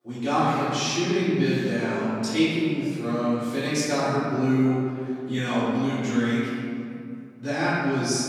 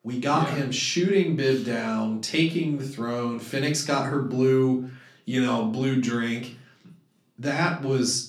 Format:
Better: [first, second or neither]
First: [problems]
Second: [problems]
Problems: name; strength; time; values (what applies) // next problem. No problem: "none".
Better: second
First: room echo; strong; dies away in 2.2 s // off-mic speech; far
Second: room echo; slight; dies away in 0.3 s // off-mic speech; far